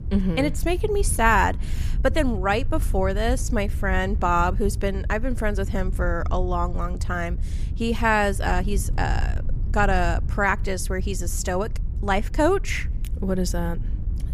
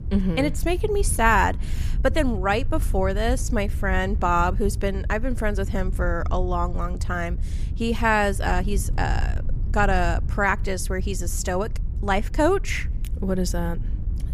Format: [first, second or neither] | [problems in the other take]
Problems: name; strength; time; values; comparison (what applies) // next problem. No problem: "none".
neither | wind noise on the microphone; occasional gusts; 20 dB below the speech; the same in both